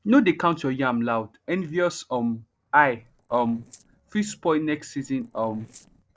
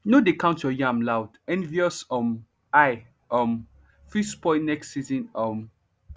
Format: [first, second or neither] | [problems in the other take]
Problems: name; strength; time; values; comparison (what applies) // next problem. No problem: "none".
second | noise reduction (neural separator model SepFormer DNS4)